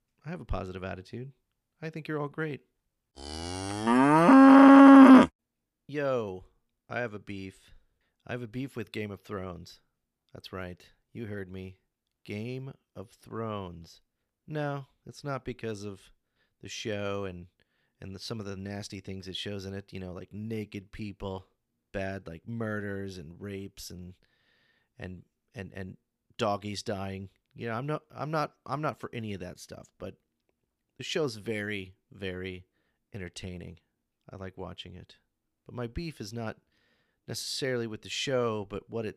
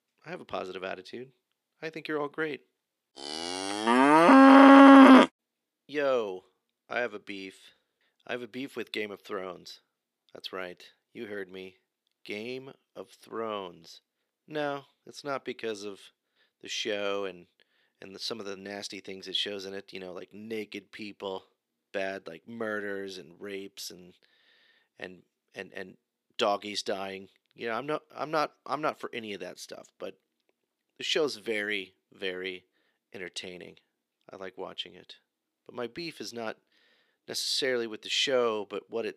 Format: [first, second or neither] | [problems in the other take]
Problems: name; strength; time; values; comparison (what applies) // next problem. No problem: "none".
first | thin; very slightly; fading below 350 Hz